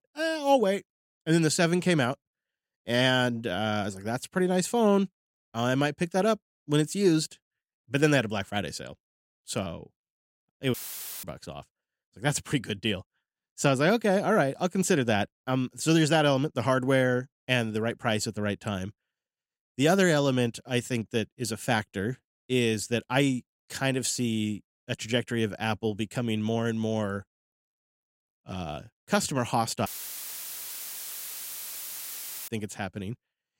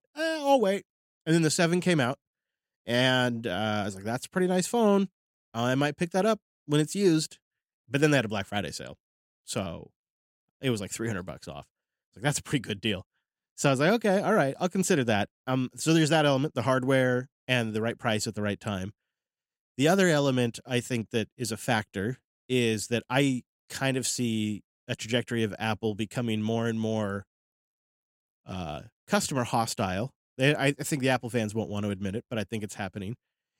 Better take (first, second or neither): second